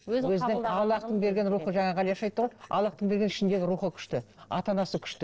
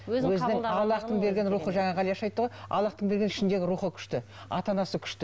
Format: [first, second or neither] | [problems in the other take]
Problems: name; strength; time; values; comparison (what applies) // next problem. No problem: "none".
second | noise reduction (neural separator model SepFormer DNS4)